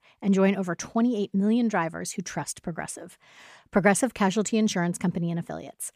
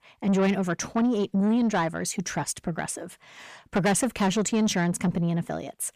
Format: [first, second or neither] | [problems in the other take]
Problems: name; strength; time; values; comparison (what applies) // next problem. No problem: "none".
first | distortion; slight; 10 dB below the speech